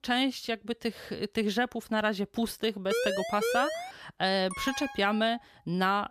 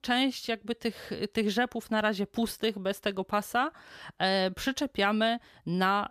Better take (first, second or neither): second